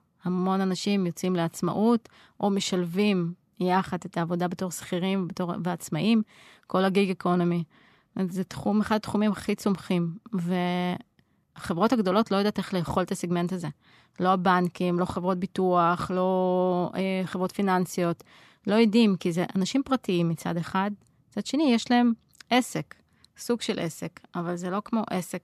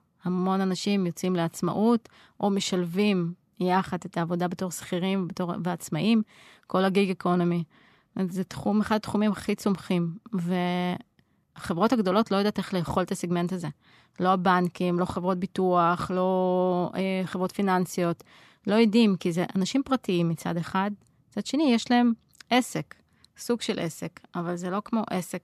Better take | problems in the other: neither | none

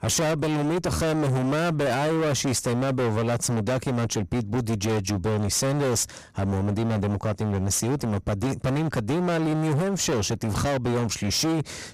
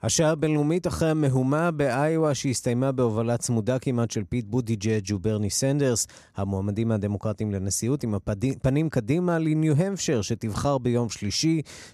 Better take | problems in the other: second | distortion; heavy; 38% of the sound clipped

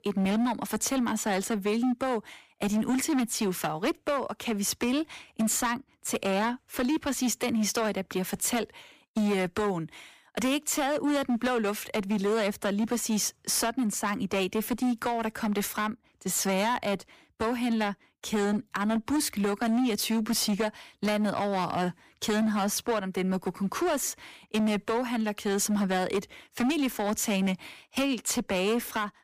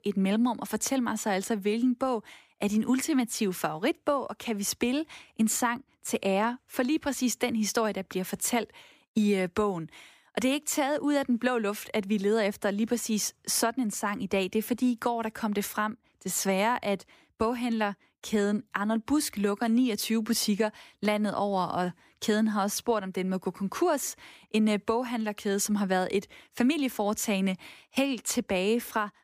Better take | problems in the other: second | distortion; slight; 15% of the sound clipped

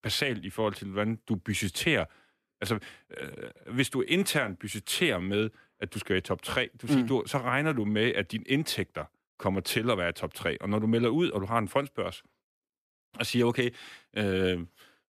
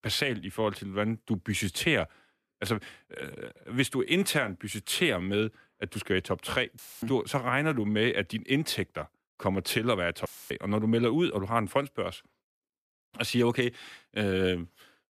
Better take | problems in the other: first | audio cutting out; filled with static; at 7 s and at 10 s

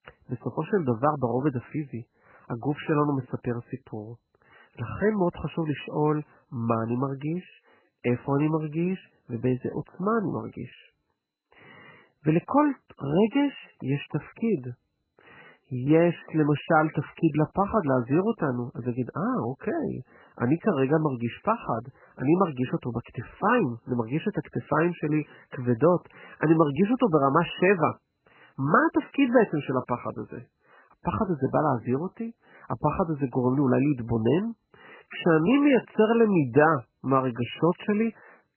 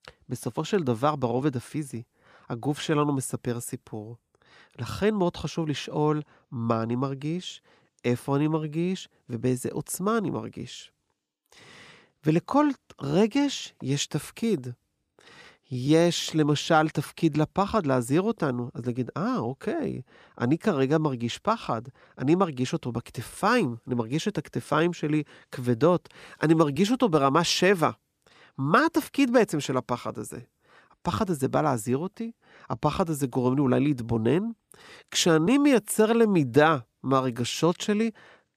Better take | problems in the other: second | garbled, watery; badly; nothing above 3 kHz

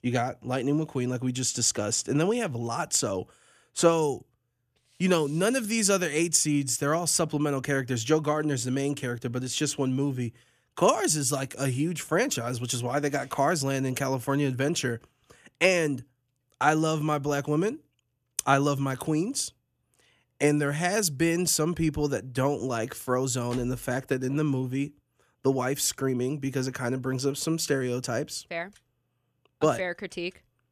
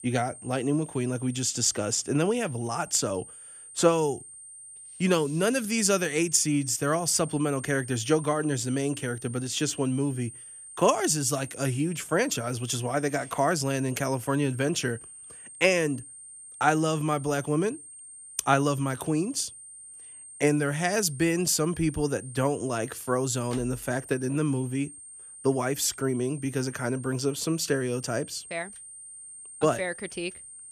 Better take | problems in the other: first | high-pitched whine; noticeable; throughout; 8.5 kHz, 15 dB below the speech

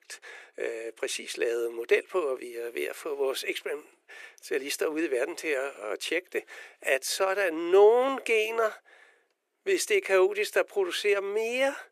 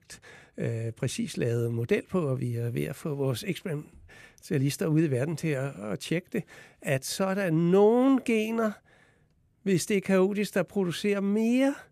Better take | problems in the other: second | thin; very; fading below 350 Hz

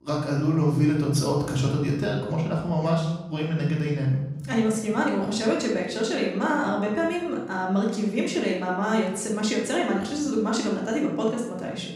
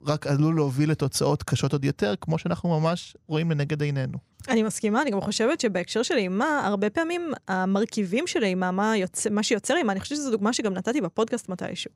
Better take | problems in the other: second | off-mic speech; far // room echo; noticeable; dies away in 1 s

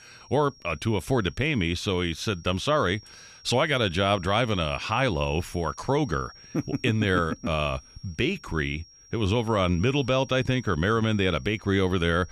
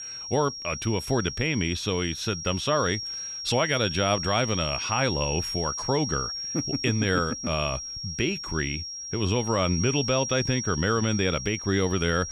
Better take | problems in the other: first | high-pitched whine; loud; throughout; 5.5 kHz, 5 dB below the speech; faint in the first

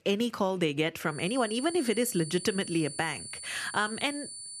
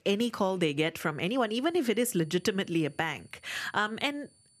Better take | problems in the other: second | high-pitched whine; loud; from 1 s on; 9.5 kHz, 10 dB below the speech; faint in the second

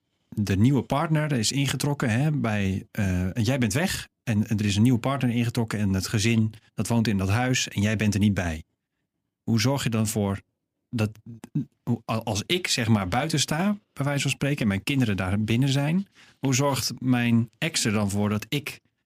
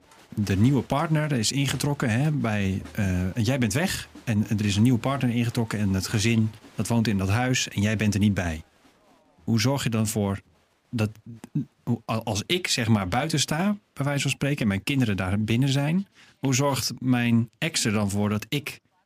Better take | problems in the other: first | crowd noise; faint; throughout; 25 dB below the speech

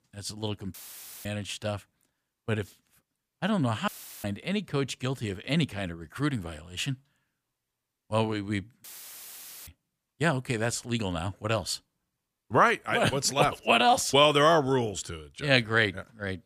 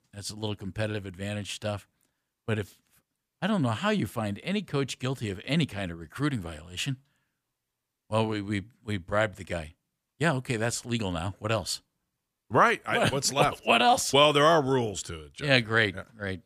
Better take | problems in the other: second | audio cutting out; filled with static; at 0.5 s for 0.5 s, at 4 s and at 9 s for 1 s

